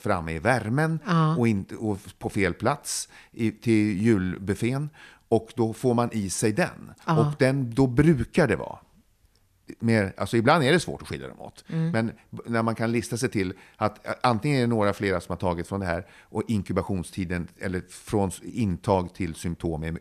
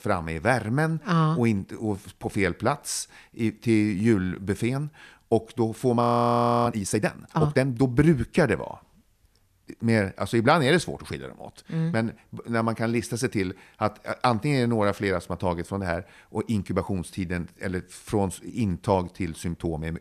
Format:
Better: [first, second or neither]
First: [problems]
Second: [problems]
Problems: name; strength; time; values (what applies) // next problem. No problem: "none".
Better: first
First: none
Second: audio freezing; at 6 s for 0.5 s